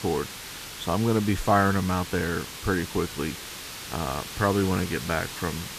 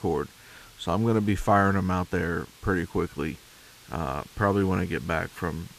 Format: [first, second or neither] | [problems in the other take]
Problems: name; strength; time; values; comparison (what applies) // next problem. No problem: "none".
second | hiss; loud; throughout; 9 dB below the speech; faint in the second